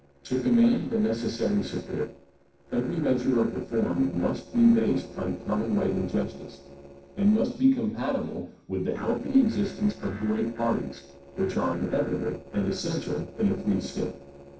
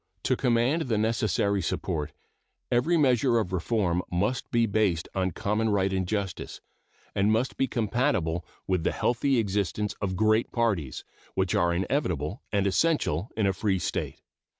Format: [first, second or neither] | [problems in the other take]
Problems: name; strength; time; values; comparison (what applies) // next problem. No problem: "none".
second | noise reduction (neural separator model SepFormer DNS4)